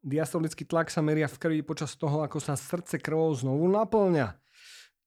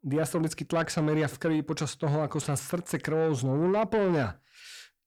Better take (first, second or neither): first